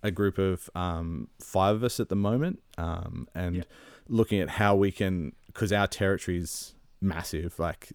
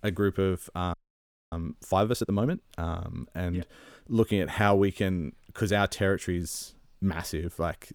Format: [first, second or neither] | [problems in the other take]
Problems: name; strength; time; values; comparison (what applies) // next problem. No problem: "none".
first | audio freezing; at 1 s for 0.5 s